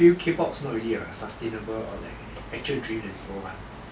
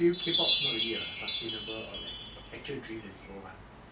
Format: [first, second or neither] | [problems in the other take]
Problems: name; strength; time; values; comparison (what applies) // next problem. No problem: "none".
first | background sound (Wind chime); 2 dB above the speech